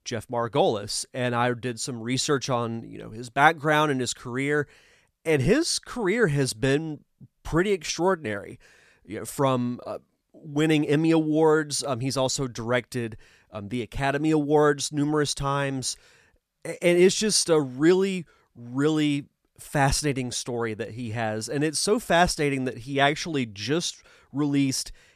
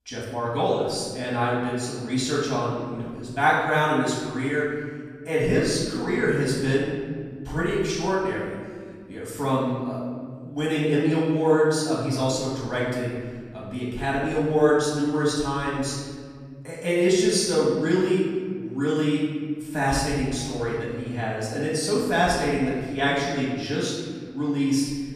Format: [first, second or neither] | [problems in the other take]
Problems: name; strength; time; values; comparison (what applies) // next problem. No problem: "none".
first | room echo; noticeable; dies away in 1.7 s // off-mic speech; far